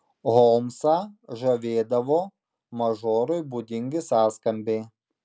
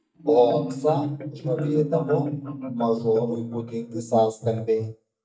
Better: first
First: none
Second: noise reduction (neural mask model DeepFilterNet 3)

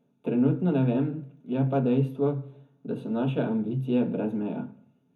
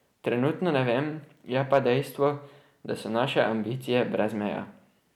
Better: second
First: room echo; dies away in 0.3 s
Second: none

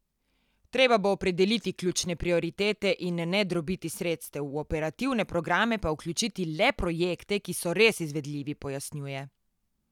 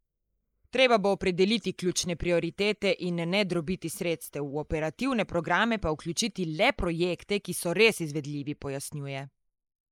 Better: first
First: none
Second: noise reduction (neural mask model Resemble Enhance denoiser)

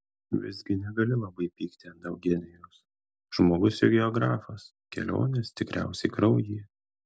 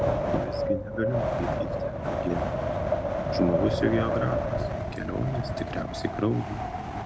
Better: first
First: none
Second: background sound (Wind); 3 dB above the speech

